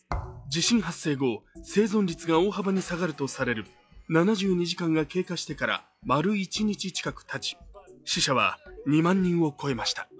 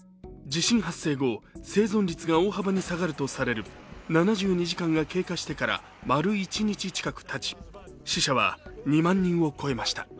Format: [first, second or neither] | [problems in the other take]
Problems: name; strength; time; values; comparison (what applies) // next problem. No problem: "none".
second | noise reduction (classical method log-MMSE)